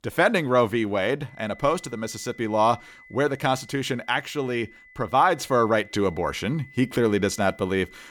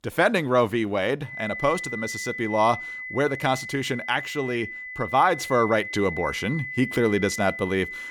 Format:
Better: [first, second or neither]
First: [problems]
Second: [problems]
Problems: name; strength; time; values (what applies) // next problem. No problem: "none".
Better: first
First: high-pitched whine; faint; from 1.5 s on; 2 kHz, 25 dB below the speech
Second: high-pitched whine; loud; from 1.5 s on; 2 kHz, 8 dB below the speech